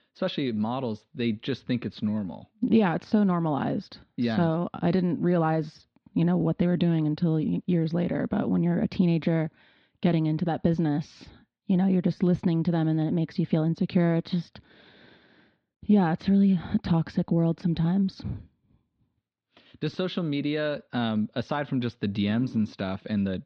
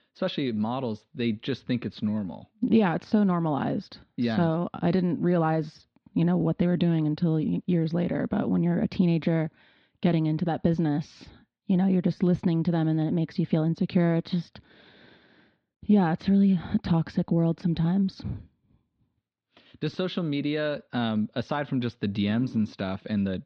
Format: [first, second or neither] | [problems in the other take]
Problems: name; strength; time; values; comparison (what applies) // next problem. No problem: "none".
neither | muffled; slightly; fading above 4 kHz; the same in both